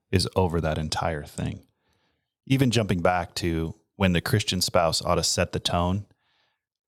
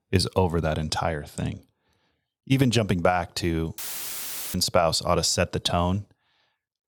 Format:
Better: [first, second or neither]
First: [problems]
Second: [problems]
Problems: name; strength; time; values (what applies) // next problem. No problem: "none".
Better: first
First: none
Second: audio cutting out; filled with static; at 4 s for 1 s